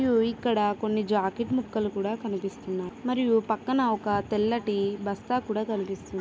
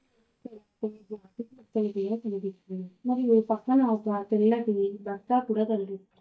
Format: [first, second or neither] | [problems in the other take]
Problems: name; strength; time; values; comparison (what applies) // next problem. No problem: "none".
first | noise reduction (neural mask model DeepFilterNet 3)